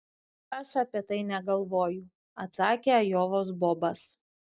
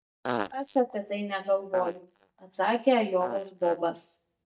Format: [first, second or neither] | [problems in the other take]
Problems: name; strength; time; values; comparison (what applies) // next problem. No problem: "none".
first | noise reduction (neural mask model DeepFilterNet 3)